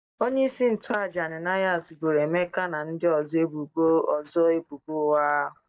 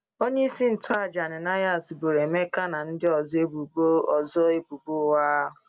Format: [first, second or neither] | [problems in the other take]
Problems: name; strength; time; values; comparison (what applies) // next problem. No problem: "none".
second | noise reduction (neural mask model DeepFilterNet 3)